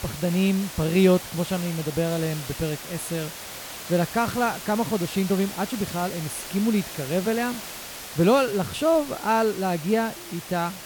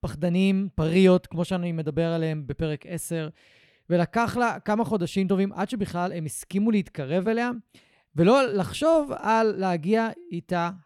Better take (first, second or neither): second